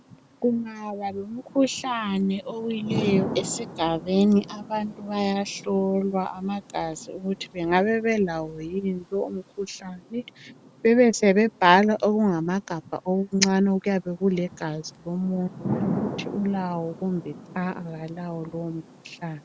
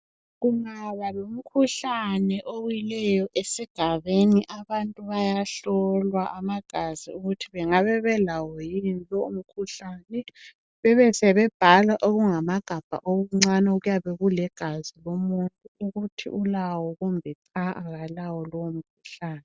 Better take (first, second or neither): second